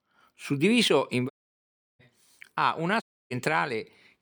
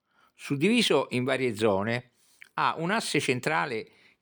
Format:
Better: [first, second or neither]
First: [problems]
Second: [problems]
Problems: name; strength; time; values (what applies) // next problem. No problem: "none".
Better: second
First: audio cutting out; at 1.5 s for 0.5 s and at 3 s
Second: none